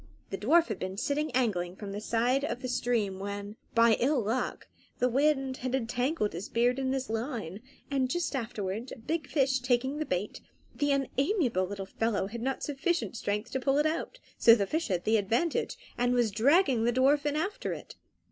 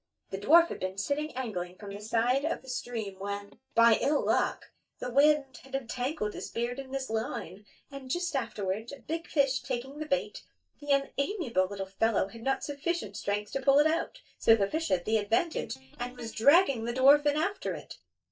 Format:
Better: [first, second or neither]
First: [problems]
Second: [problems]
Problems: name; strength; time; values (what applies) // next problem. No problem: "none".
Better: first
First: none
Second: noise reduction (neural mask model DeepFilterNet 3)